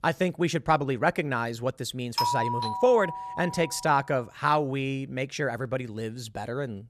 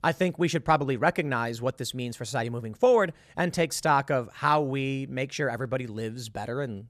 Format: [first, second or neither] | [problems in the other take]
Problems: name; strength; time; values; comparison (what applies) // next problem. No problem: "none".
second | doorbell; loud; from 2 to 3.5 s; peak 1 dB above the speech